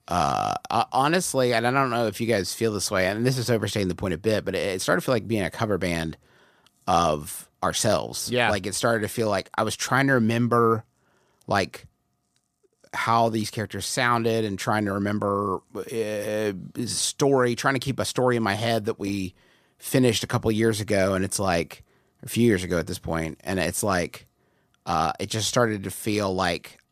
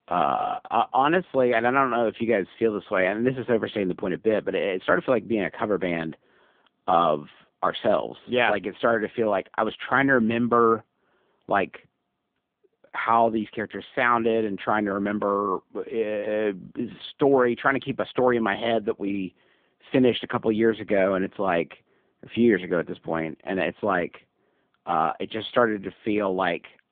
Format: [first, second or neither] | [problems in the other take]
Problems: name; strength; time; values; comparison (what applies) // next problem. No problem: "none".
first | phone-call audio; poor line